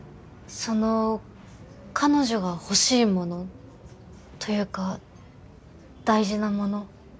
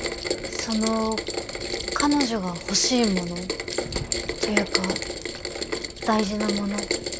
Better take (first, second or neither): first